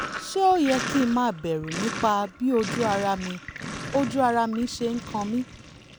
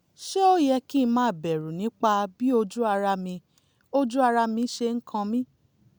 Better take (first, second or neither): second